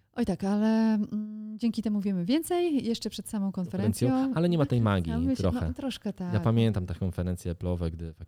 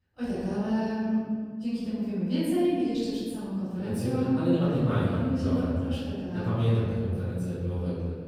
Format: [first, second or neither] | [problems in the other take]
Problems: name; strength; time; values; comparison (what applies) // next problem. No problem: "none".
first | off-mic speech; far // room echo; strong; dies away in 1.6 s